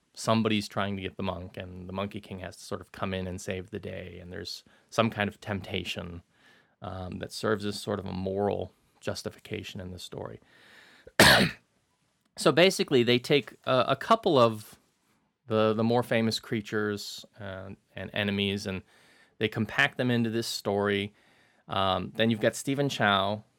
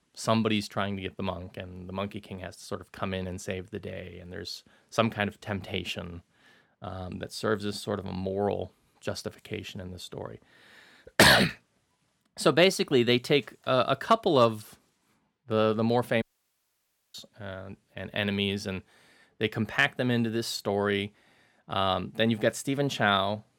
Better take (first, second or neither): first